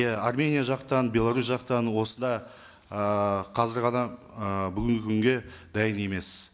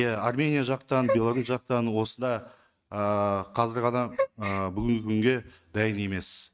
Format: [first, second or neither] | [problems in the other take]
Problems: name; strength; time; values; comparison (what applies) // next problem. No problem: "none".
first | noise reduction (neural mask model RNNoise)